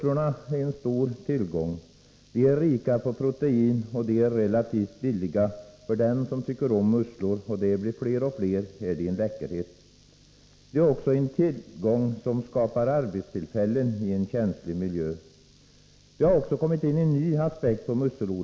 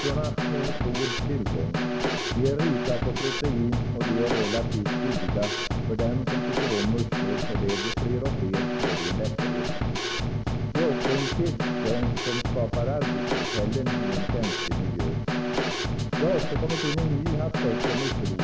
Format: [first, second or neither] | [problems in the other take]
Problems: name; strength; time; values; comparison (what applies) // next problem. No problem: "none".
first | background sound (Snare drum / Drum kit); 3 dB above the speech